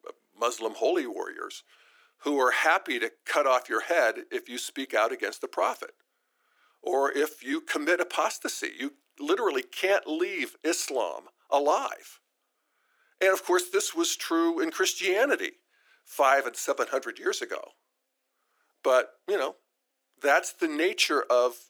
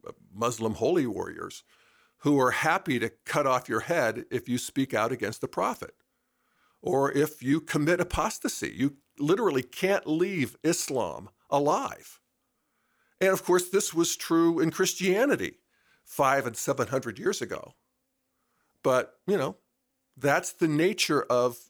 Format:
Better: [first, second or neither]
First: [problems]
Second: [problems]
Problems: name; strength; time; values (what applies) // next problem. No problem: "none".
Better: second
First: thin; somewhat; fading below 300 Hz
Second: none